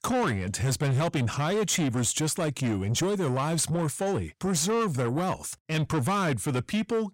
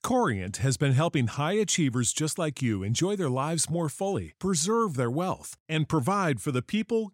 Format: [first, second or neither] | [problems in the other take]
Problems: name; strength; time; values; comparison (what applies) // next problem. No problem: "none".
second | distortion; slight; 10 dB below the speech